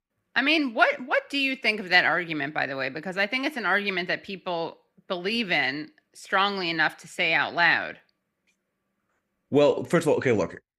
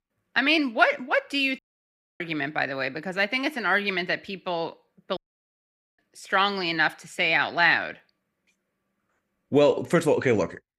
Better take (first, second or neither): first